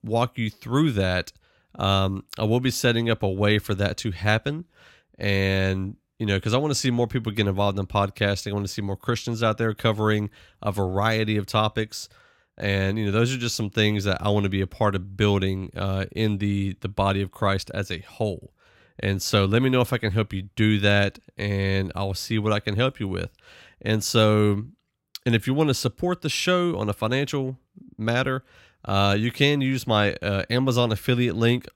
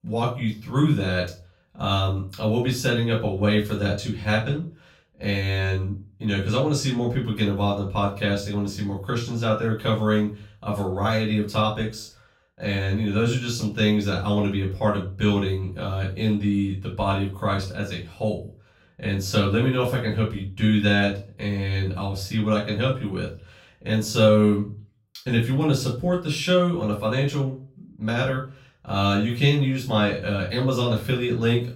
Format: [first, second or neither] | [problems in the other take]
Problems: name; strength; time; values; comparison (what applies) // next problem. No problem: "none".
first | off-mic speech; far // room echo; slight; dies away in 0.3 s